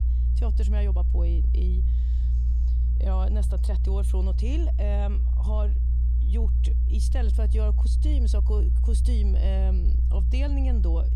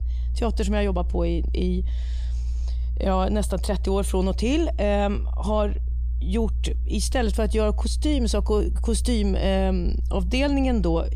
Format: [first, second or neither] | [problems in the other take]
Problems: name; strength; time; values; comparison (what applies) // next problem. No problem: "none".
second | low rumble; loud; throughout; 5 dB below the speech; faint in the second